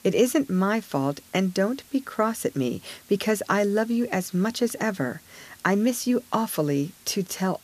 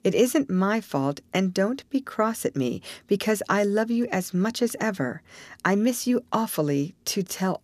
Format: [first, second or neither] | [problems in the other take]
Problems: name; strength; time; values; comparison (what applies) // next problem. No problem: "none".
second | hiss; faint; throughout; 25 dB below the speech